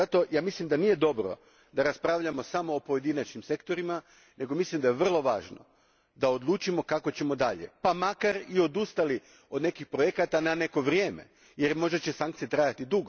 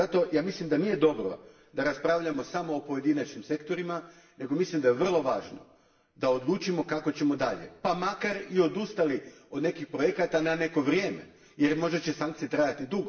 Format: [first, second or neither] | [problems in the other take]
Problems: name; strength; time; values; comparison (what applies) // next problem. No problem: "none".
first | room echo; dies away in 0.9 s